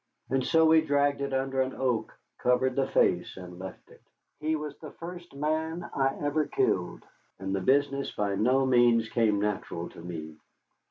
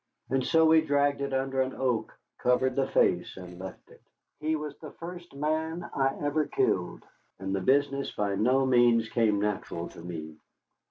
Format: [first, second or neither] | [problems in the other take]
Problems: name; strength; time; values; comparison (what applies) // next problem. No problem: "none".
first | noise reduction (neural separator model SepFormer DNS4)